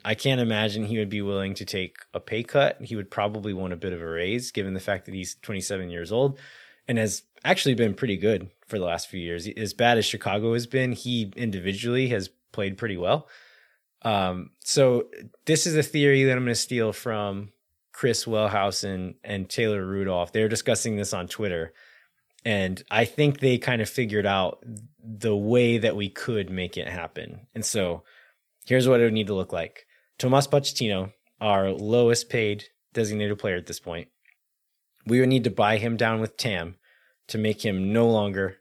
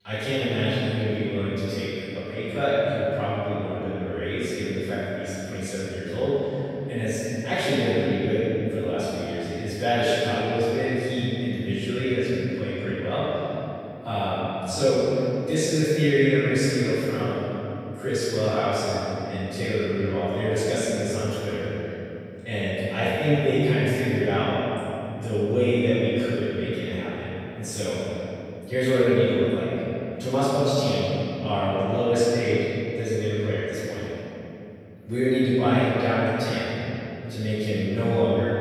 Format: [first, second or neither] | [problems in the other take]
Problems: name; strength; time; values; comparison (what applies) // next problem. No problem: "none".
first | off-mic speech; far // room echo; strong; dies away in 3 s